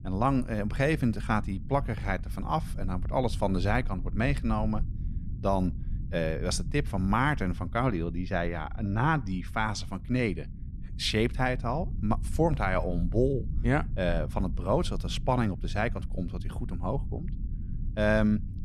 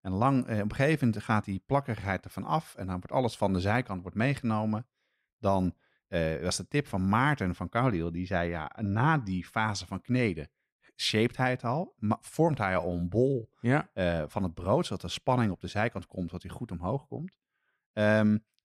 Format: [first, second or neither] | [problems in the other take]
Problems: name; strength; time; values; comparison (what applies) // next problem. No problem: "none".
second | low rumble; faint; throughout; 20 dB below the speech